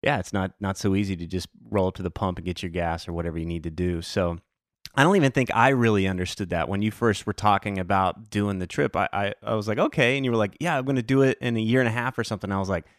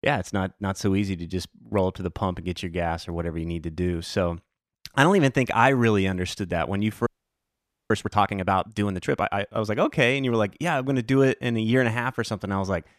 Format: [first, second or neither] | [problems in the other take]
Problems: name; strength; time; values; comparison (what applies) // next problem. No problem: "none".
first | audio freezing; at 7 s for 1 s